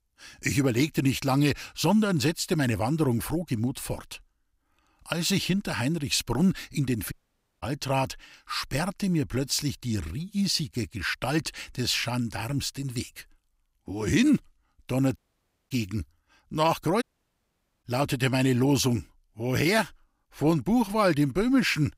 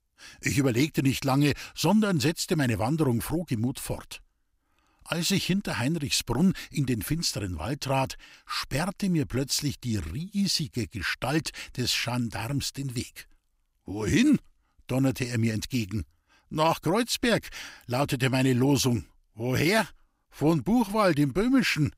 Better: second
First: audio cutting out; at 7 s for 0.5 s, at 15 s for 0.5 s and at 17 s for 1 s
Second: none

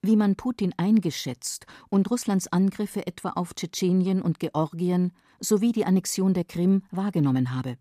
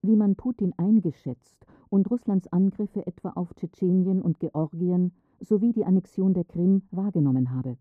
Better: first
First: none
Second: muffled; very; fading above 1.5 kHz

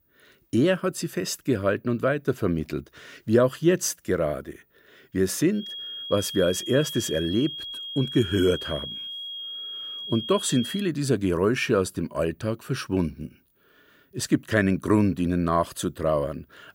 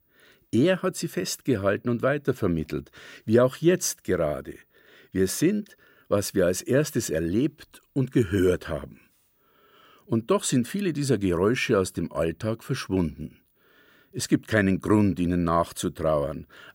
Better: second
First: high-pitched whine; loud; from 5.5 to 11 s; 3.5 kHz, 8 dB below the speech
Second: none

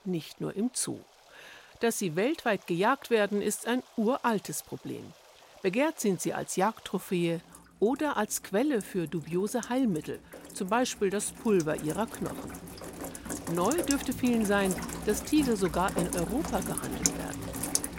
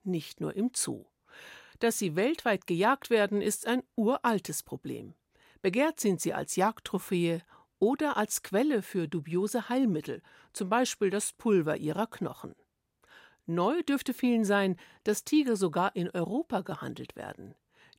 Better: second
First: rain or running water; loud; throughout; 6 dB below the speech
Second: none

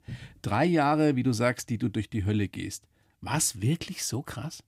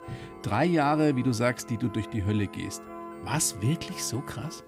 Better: first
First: none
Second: background music; noticeable; throughout; 15 dB below the speech

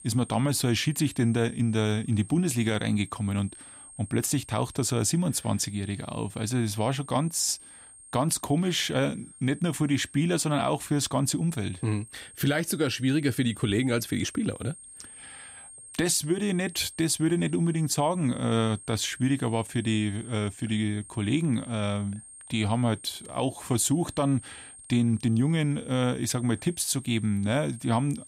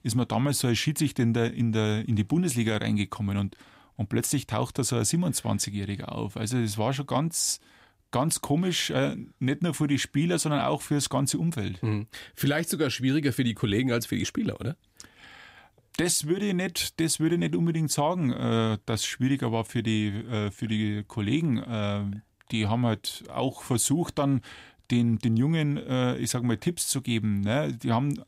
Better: second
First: high-pitched whine; noticeable; throughout; 8.5 kHz, 20 dB below the speech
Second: none

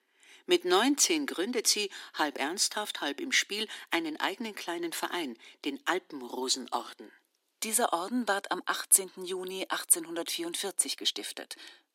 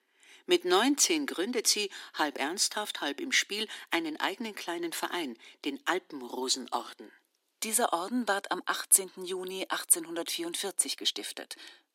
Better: neither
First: thin; somewhat; fading below 300 Hz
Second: thin; somewhat; fading below 300 Hz

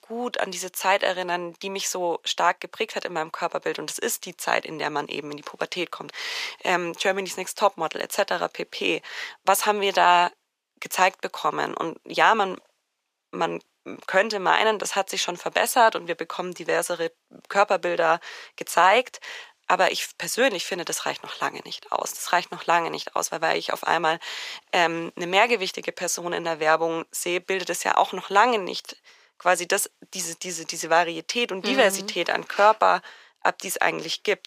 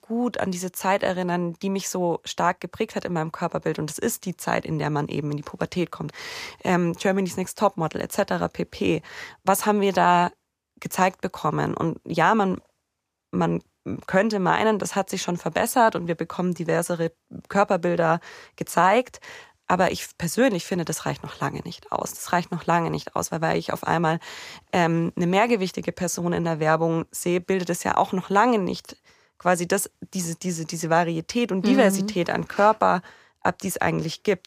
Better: second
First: thin; somewhat; fading below 450 Hz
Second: none

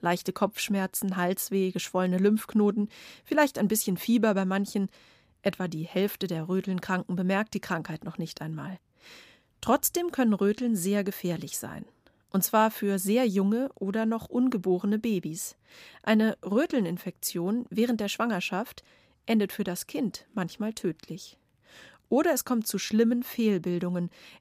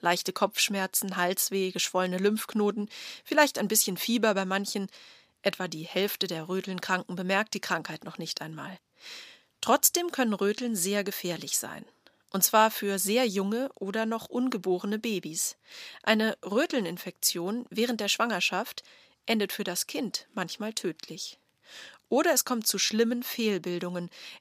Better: first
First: none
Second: thin; very slightly; fading below 900 Hz

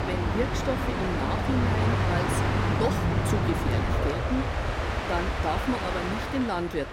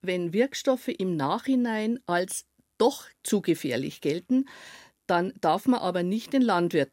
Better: second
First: train or aircraft noise; very loud; throughout; 4 dB above the speech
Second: none

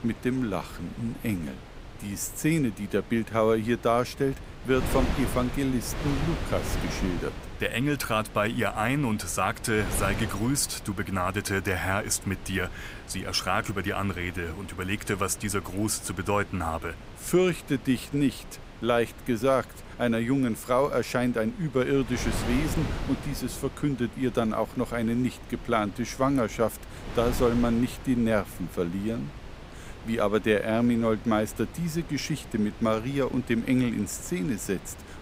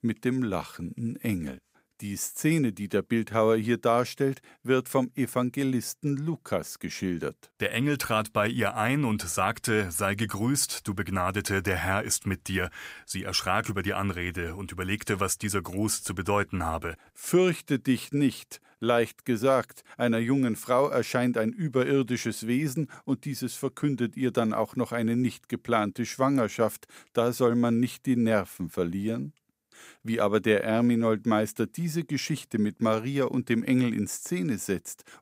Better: second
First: wind noise on the microphone; occasional gusts; 15 dB below the speech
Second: none

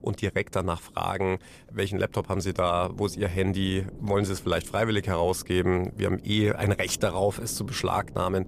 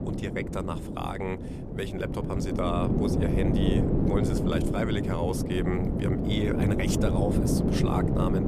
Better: first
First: wind noise on the microphone; occasional gusts; 25 dB below the speech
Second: wind noise on the microphone; heavy; as loud as the speech

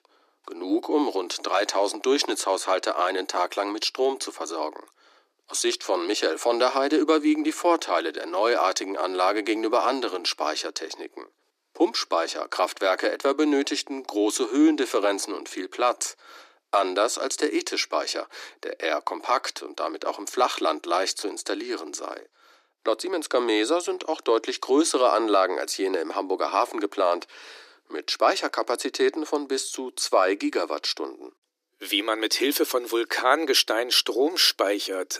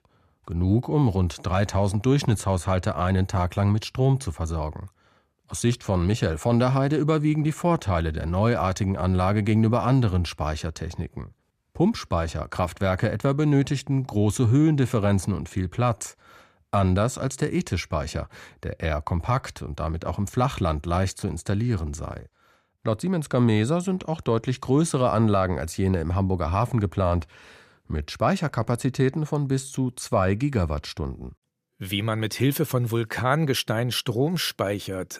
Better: second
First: thin; somewhat; fading below 300 Hz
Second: none

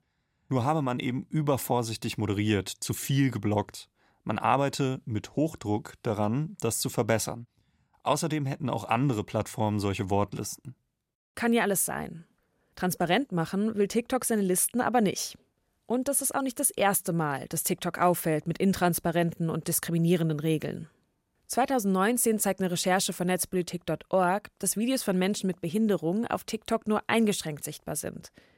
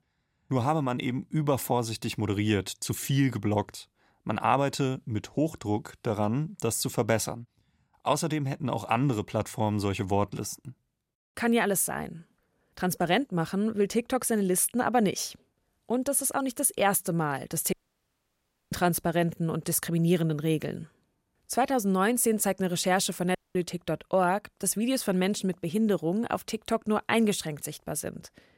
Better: first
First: none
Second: audio cutting out; at 18 s for 1 s and at 23 s

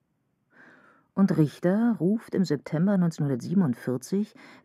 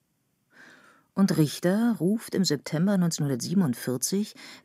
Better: second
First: muffled; slightly; fading above 2.5 kHz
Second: none

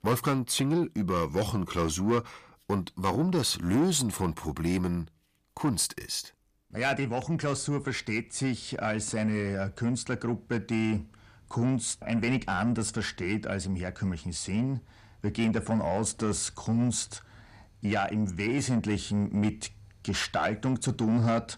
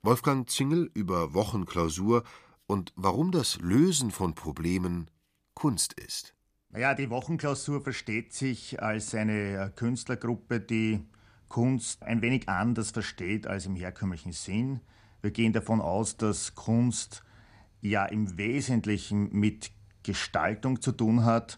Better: second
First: distortion; slight; 10 dB below the speech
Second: none

